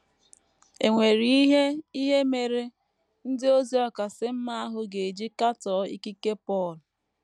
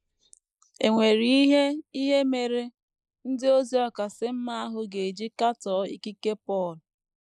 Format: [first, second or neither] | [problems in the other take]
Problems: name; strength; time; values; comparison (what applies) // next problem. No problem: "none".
first | noise reduction (neural mask model Resemble Enhance denoiser)